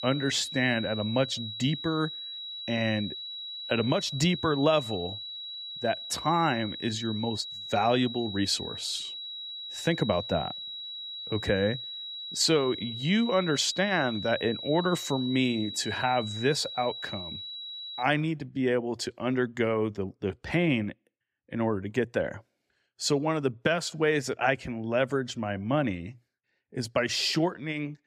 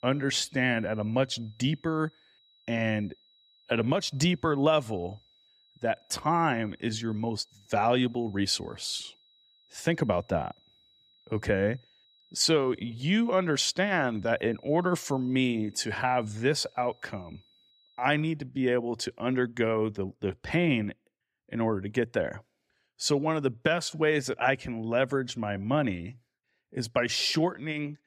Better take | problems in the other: second | high-pitched whine; loud; until 18 s; 4 kHz, 8 dB below the speech; faint in the second

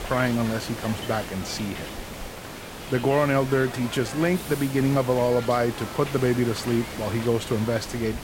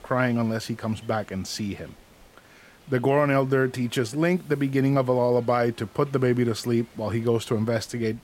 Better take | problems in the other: second | hiss; loud; throughout; 10 dB below the speech; faint in the second

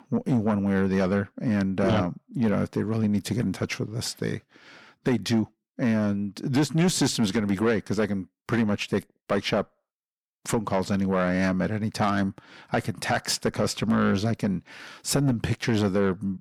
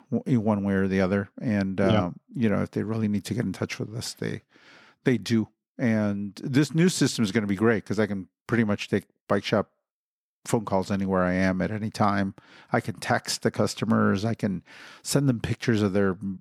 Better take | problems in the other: second | distortion; slight; 10 dB below the speech

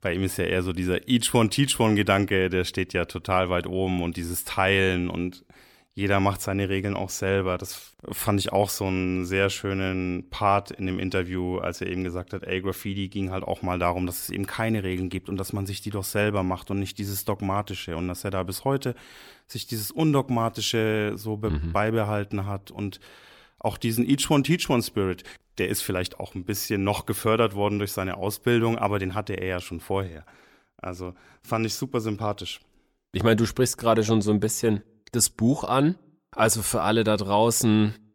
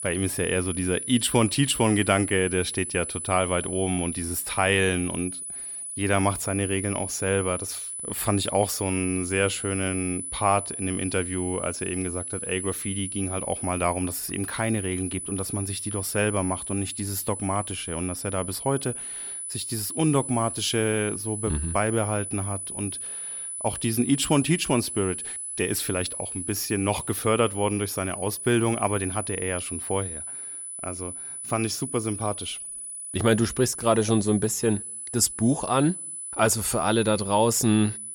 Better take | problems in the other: first | high-pitched whine; loud; throughout; 10 kHz, 6 dB below the speech

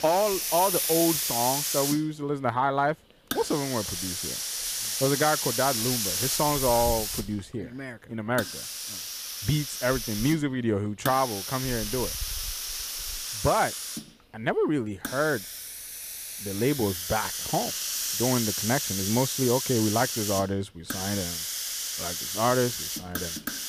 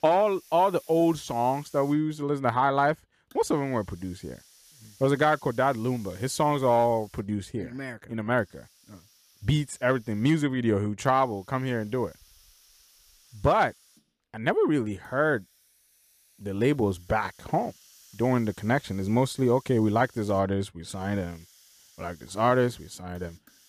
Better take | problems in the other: second | hiss; loud; throughout; 2 dB below the speech; faint in the second

